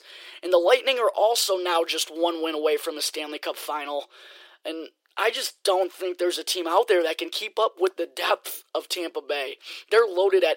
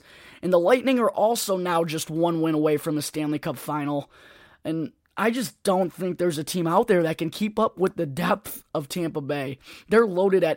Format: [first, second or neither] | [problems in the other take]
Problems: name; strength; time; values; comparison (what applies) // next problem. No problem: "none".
second | thin; very; fading below 350 Hz